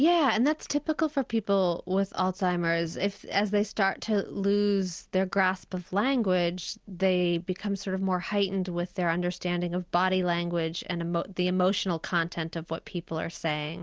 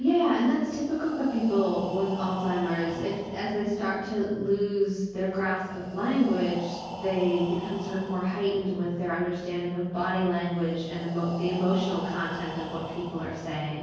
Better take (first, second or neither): first